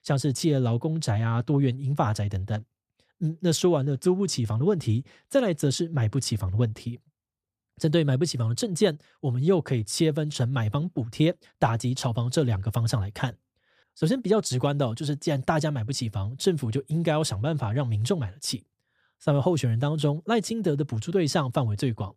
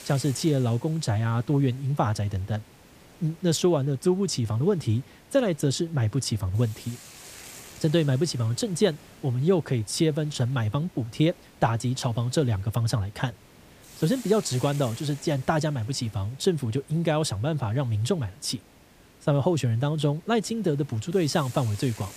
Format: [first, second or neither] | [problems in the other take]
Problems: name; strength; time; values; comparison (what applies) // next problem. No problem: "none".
first | hiss; faint; throughout; 20 dB below the speech